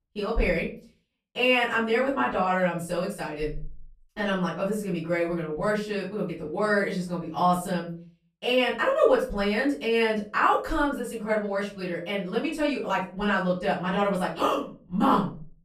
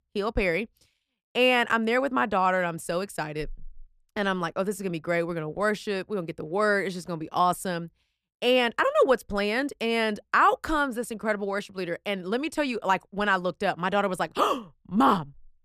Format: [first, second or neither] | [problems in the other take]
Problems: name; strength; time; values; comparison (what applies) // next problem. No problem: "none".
second | off-mic speech; far // room echo; slight; dies away in 0.3 s